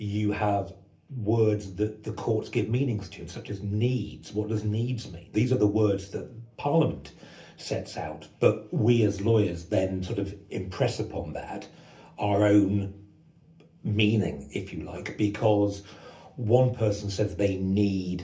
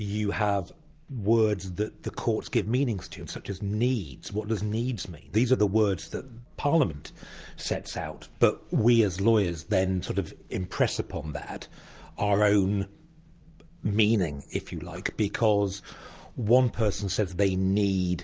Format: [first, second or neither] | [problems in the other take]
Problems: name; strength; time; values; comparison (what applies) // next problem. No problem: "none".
second | room echo; dies away in 0.3 s